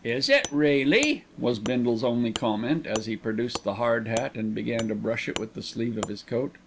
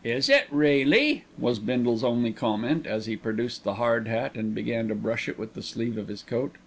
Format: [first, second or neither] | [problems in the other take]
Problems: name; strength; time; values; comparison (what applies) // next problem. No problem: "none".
second | background sound (Wood); 15 dB below the speech